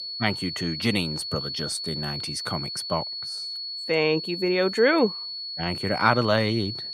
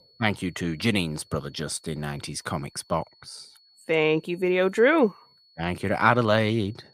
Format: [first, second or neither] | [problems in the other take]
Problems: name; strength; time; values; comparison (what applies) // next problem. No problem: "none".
second | high-pitched whine; loud; throughout; 4.5 kHz, 5 dB below the speech; faint in the second